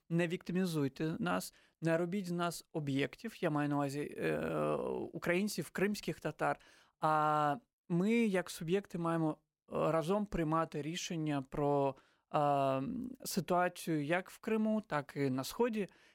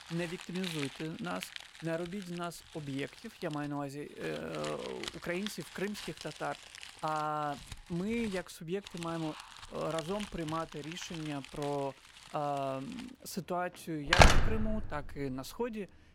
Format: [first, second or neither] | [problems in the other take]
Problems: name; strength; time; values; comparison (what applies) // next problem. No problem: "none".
first | household noises; very loud; throughout; 3 dB above the speech